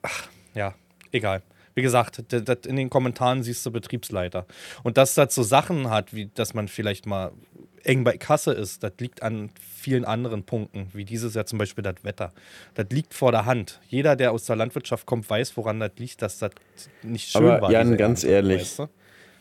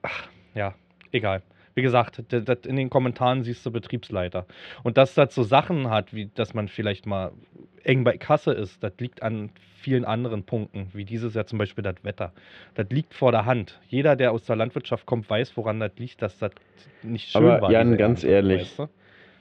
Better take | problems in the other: first | muffled; very; fading above 3.5 kHz

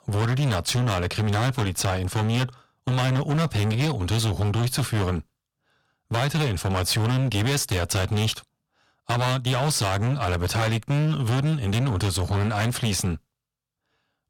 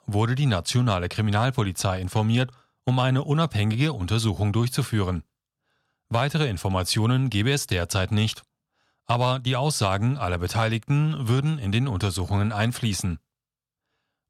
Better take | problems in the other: second | distortion; heavy; 26% of the sound clipped

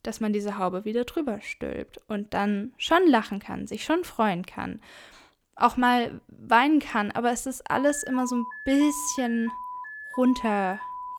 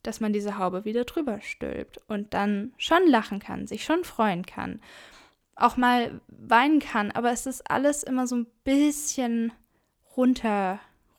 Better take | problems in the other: second | alarm; faint; from 8 s on; peak 10 dB below the speech

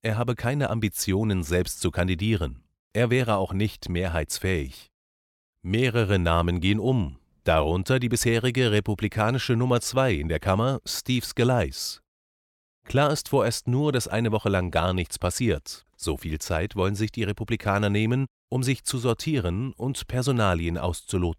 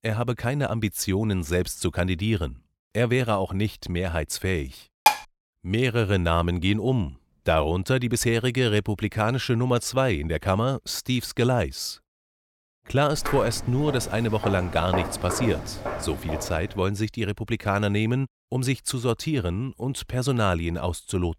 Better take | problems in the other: first | clattering dishes; loud; at 5 s; peak 4 dB above the speech // footsteps; noticeable; from 13 to 17 s; peak 3 dB below the speech

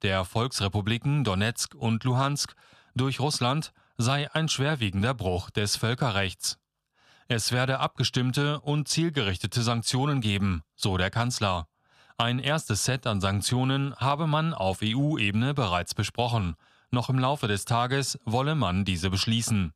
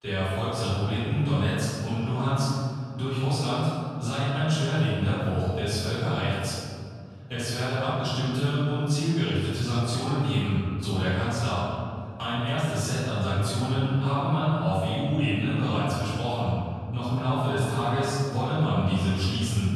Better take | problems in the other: first | off-mic speech; far // room echo; strong; dies away in 2.3 s

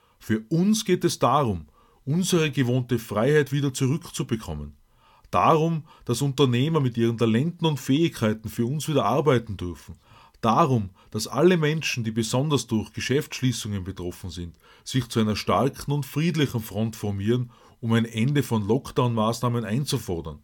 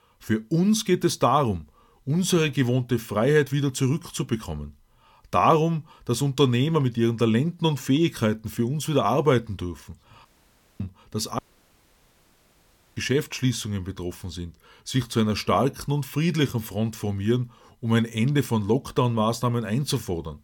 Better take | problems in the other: first | audio cutting out; at 10 s for 0.5 s and at 11 s for 1.5 s

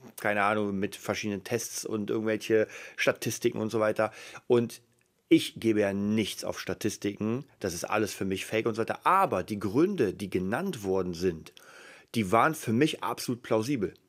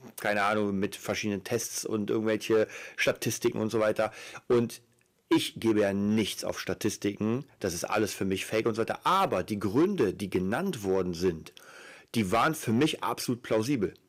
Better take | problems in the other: first | distortion; slight; 3% of the sound clipped

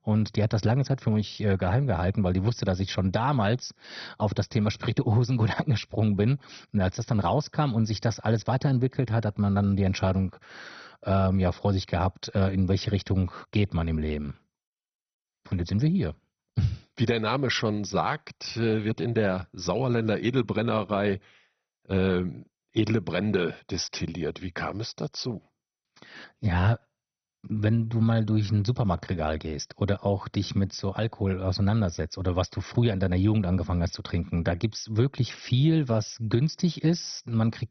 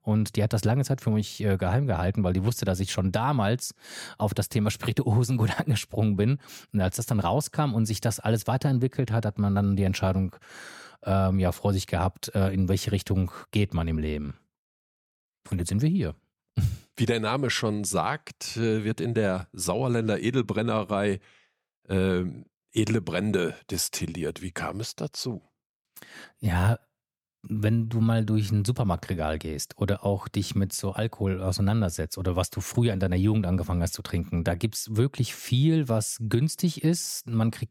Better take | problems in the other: second | garbled, watery; badly; nothing above 6 kHz

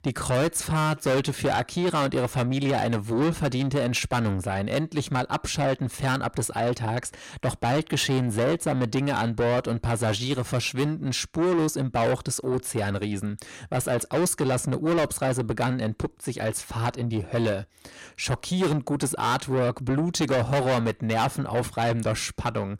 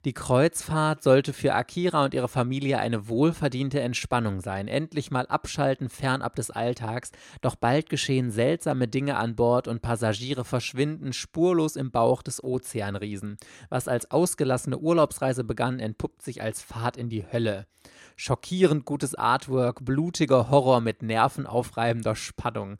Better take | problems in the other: second | distortion; heavy; 6 dB below the speech

